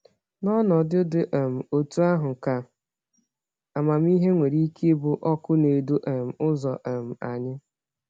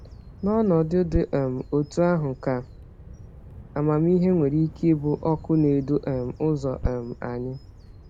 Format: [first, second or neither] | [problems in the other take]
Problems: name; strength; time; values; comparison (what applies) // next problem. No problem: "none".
first | background sound (Bird vocalization, bird call, bird song); 13 dB below the speech